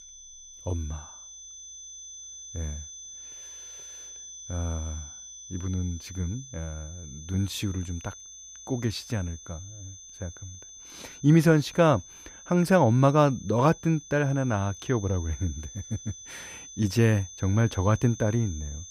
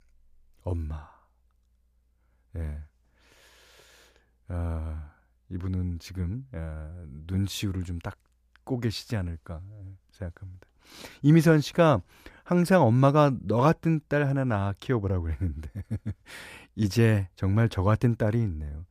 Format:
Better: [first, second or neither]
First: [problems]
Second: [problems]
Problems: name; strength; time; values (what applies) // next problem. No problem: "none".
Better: second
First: high-pitched whine; noticeable; throughout; 6 kHz, 15 dB below the speech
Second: none